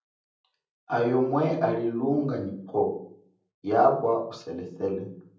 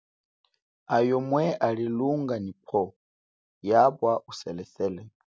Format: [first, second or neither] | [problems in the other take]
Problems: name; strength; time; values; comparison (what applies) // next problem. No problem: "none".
second | room echo; dies away in 0.6 s